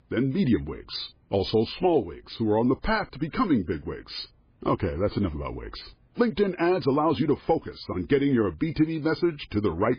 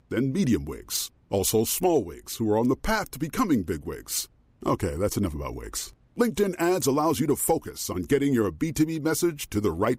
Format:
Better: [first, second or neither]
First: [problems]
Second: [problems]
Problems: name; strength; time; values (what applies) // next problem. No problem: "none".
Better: second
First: garbled, watery; badly; nothing above 5 kHz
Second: none